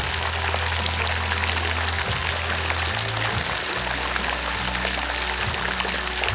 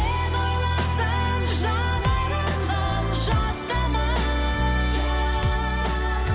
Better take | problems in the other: second | background sound (Rain); 3 dB above the speech // room echo; dies away in 0.8 s

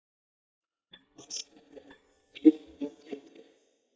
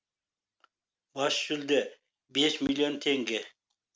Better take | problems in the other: second | noise reduction (neural mask model DeepFilterNet 3)

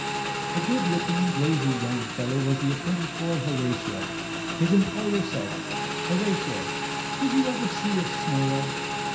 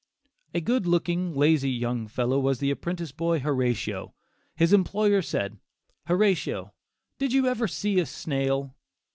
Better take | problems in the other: second | background sound (Motorcycle / Engine); 3 dB below the speech // room echo; dies away in 0.5 s

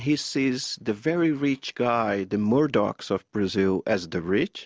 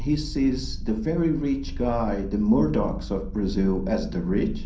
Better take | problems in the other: first | background sound (Purr); 8 dB below the speech // room echo; dies away in 0.6 s

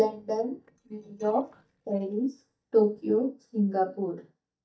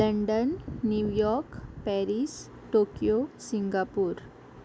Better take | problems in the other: second | noise reduction (neural mask model DeepFilterNet 3)

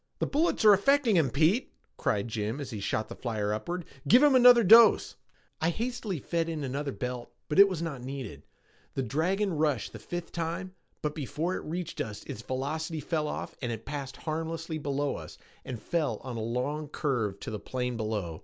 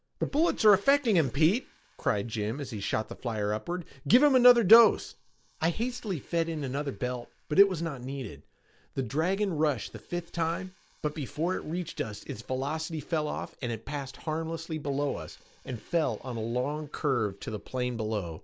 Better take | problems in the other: first | noise reduction (neural mask model Resemble Enhance denoiser)

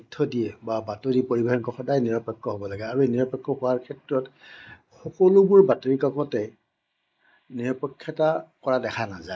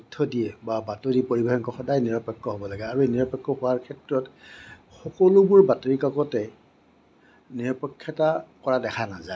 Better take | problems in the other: second | noise reduction (neural mask model Resemble Enhance denoiser)

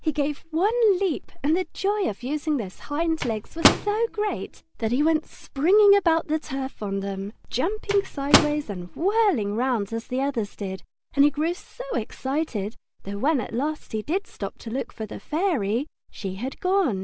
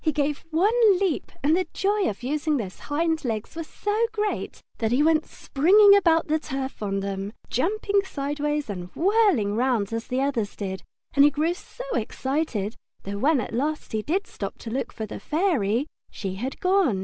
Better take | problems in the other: second | background sound (Microwave oven); 4 dB below the speech

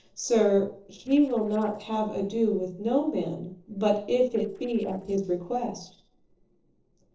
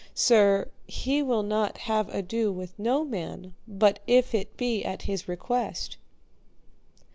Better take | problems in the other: second | noise reduction (neural separator model SepFormer DNS4)

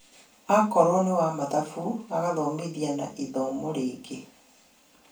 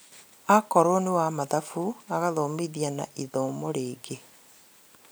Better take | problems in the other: second | room echo; dies away in 0.3 s

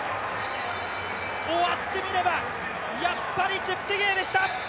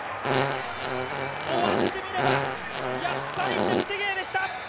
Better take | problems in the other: first | background sound (Fart); 3 dB above the speech

